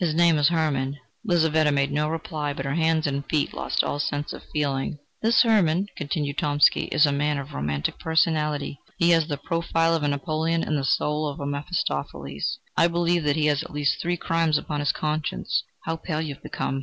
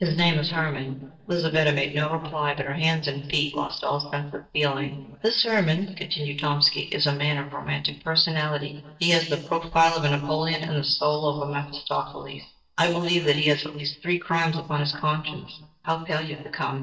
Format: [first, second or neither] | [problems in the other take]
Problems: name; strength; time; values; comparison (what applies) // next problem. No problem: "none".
first | noise reduction (neural mask model DeepFilterNet 3)